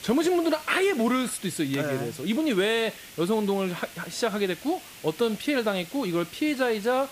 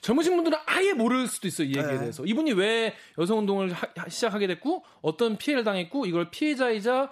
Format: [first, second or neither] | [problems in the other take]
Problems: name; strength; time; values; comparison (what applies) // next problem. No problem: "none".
second | hiss; noticeable; throughout; 15 dB below the speech